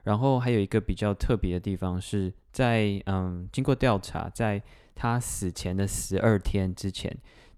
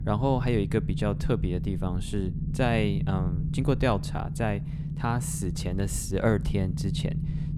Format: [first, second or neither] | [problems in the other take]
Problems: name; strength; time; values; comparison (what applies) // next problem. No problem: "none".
first | low rumble; noticeable; throughout; 10 dB below the speech